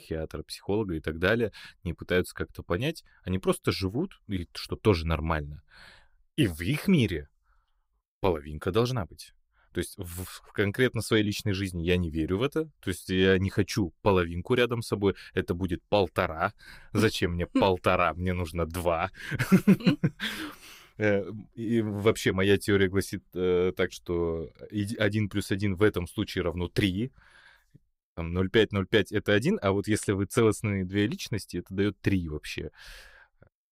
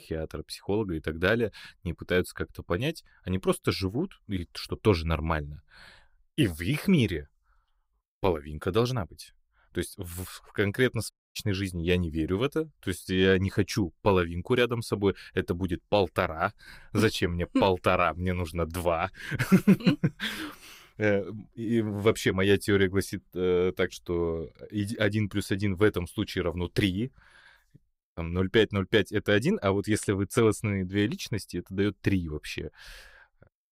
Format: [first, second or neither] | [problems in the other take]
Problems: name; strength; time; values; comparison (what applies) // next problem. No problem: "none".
first | audio cutting out; at 11 s